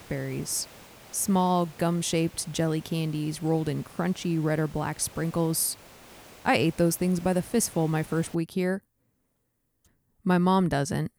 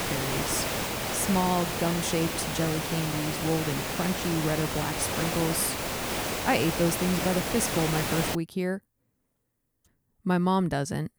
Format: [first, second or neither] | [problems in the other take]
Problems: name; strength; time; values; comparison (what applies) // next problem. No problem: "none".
first | hiss; loud; until 8.5 s; 1 dB below the speech; faint in the first